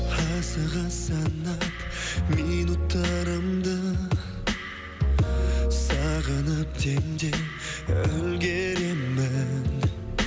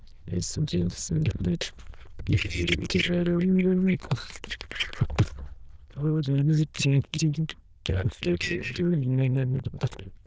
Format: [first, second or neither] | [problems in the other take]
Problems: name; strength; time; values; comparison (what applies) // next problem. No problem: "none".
first | noise reduction (neural diffusion model UNIVERSE++)